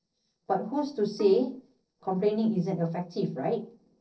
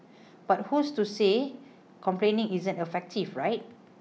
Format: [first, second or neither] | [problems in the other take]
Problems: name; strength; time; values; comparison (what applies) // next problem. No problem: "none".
second | noise reduction (neural separator model SepFormer DNS4)